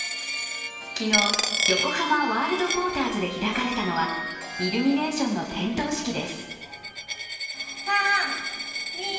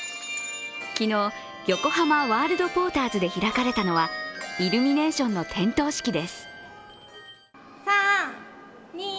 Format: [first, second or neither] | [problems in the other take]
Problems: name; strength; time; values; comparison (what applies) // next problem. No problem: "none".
second | background sound (Coin (dropping)); 5 dB below the speech // room echo; dies away in 1.4 s